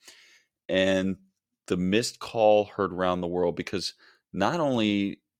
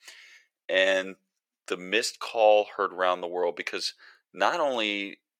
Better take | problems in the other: first | thin; somewhat; fading below 550 Hz

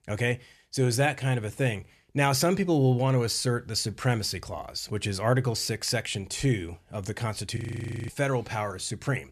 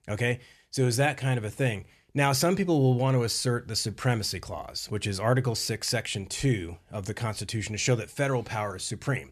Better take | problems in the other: second | audio freezing; at 7.5 s for 0.5 s

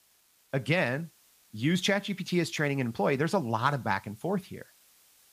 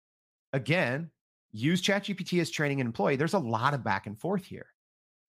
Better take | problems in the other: second | hiss; faint; throughout; 30 dB below the speech

